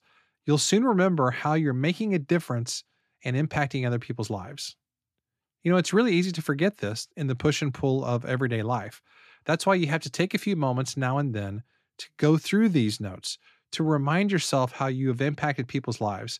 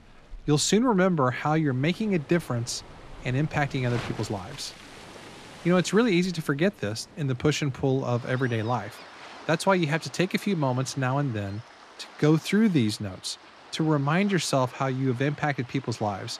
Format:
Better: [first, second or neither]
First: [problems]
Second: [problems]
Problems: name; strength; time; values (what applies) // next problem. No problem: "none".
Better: first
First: none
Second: rain or running water; noticeable; throughout; 20 dB below the speech